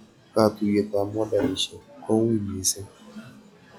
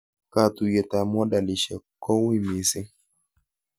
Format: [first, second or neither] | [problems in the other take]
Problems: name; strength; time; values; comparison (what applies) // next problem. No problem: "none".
second | noise reduction (classical method log-MMSE)